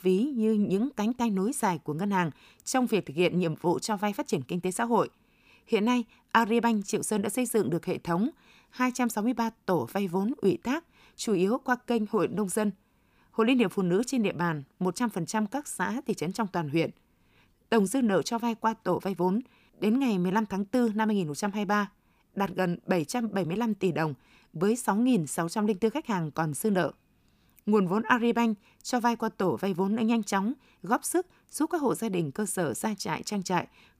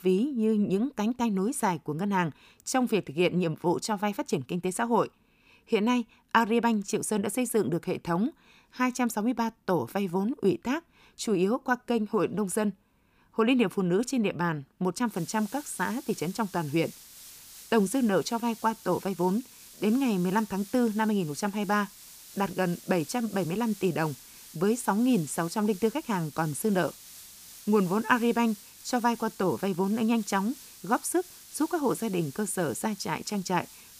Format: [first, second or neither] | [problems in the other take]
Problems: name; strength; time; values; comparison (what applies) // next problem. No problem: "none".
first | hiss; noticeable; from 15 s on; 20 dB below the speech